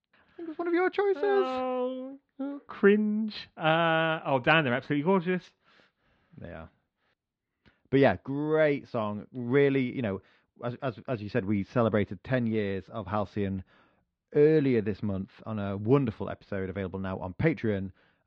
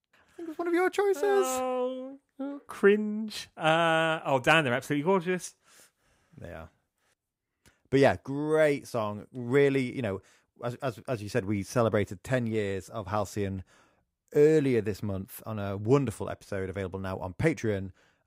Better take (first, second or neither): second